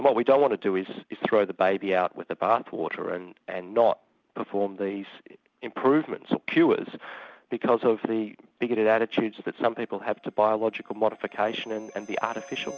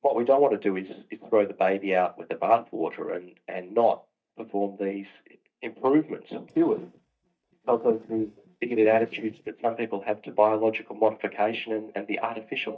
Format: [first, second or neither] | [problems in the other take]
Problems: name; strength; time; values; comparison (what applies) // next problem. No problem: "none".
first | noise reduction (neural mask model DeepFilterNet 3)